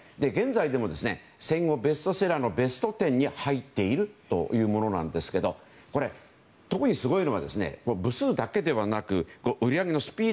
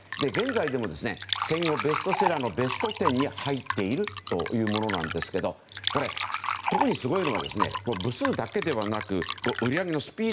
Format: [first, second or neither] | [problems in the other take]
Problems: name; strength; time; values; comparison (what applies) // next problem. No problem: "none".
first | background sound (Fill (with liquid)); 4 dB below the speech